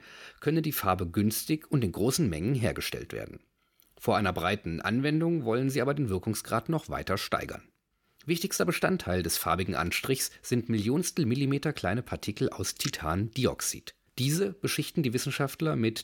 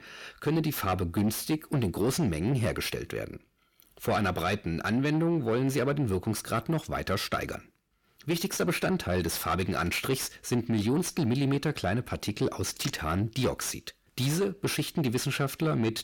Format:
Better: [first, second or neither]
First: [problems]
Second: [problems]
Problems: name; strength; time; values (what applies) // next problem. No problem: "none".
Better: first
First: none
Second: distortion; slight; 10 dB below the speech